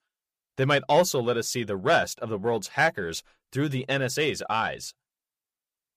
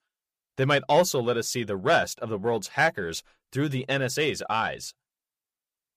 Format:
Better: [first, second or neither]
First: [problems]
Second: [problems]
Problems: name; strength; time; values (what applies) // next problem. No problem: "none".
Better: neither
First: none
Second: none